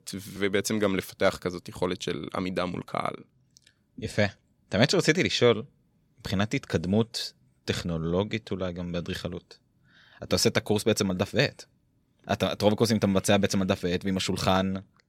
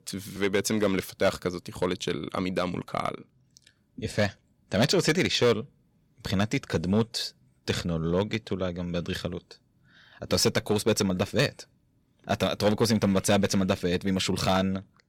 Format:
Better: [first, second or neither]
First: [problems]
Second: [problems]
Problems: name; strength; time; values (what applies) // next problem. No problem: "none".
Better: first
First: none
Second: distortion; slight; 2% of the sound clipped